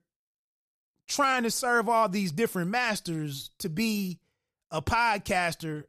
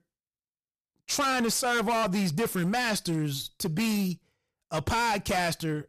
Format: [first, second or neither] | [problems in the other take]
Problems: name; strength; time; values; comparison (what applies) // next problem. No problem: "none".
first | distortion; heavy; 17% of the sound clipped